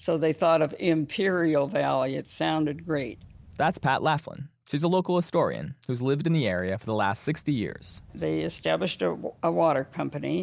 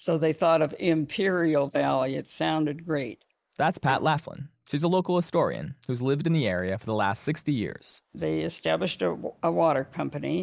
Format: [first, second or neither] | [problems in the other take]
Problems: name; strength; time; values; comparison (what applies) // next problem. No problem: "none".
first | noise reduction (neural mask model Resemble Enhance denoiser)